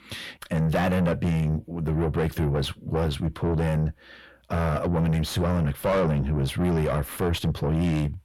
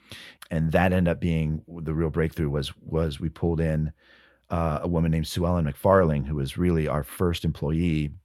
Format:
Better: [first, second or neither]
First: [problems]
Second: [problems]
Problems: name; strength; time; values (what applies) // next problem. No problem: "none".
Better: second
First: distortion; heavy; 6 dB below the speech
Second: none